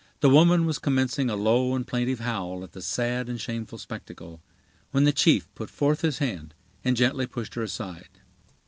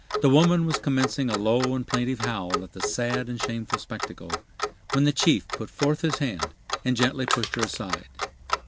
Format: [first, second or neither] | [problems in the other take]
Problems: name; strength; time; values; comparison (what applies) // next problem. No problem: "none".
first | background sound (Clock + Crushing); 6 dB below the speech